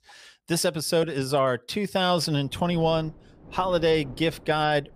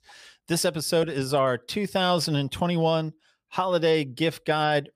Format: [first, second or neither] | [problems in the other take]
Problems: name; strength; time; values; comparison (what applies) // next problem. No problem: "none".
second | wind noise on the microphone; occasional gusts; from 2 s on; 25 dB below the speech